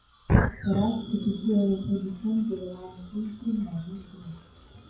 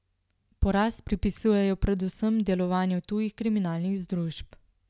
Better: second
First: noise reduction (classical method WPE with log-MMSE)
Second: none

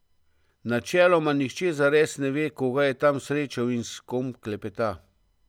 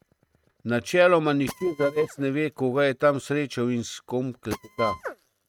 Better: first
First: none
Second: noise reduction (neural mask model RNNoise)

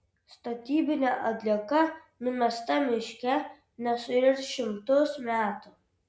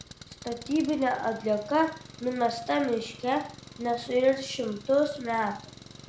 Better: first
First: none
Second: background sound (Engine); 18 dB below the speech

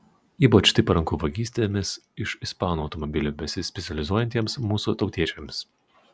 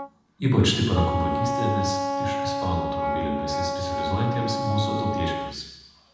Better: first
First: none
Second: background sound (Wind instrument, woodwind instrument); 2 dB below the speech // room echo; dies away in 1 s

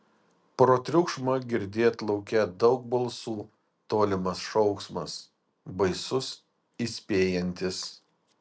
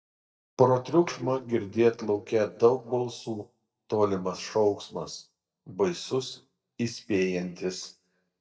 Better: first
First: none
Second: noise reduction (neural mask model DeepFilterNet 3)

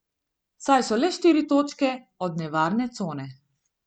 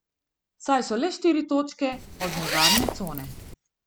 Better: first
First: none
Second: background sound (Zipper (clothing)); 1 dB above the speech

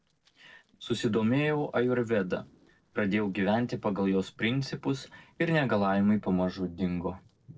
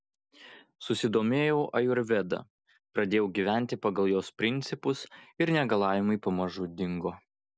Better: second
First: noise reduction (neural separator model SepFormer DNS4)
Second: none

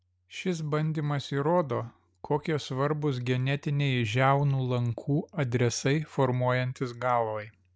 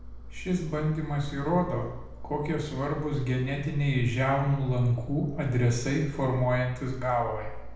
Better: first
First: none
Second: background sound (Engine); 11 dB below the speech // room echo; dies away in 0.9 s

